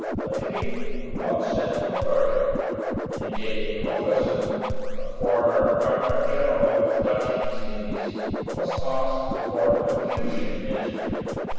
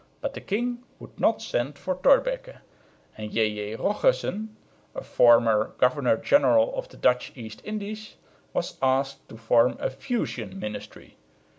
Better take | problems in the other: second | background sound (Scratching (performance technique)); 1 dB below the speech // room echo; dies away in 2.2 s

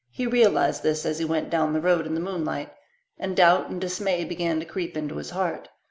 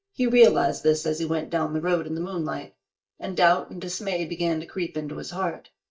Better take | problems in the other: first | noise reduction (neural mask model DeepFilterNet 3)

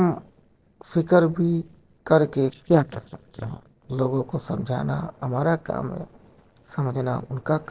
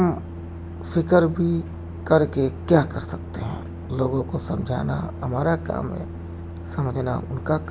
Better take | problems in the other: second | noise reduction (neural separator model SepFormer DNS4)

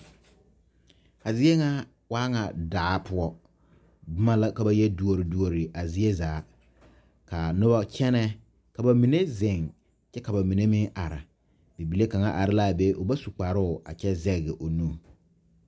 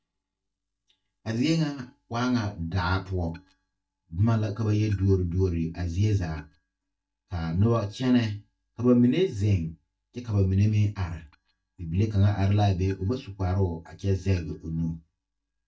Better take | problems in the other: first | noise reduction (neural mask model DeepFilterNet 3)

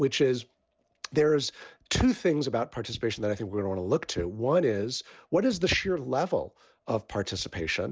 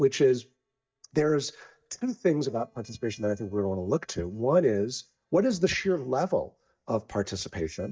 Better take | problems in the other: first | noise reduction (neural mask model DeepFilterNet 3)

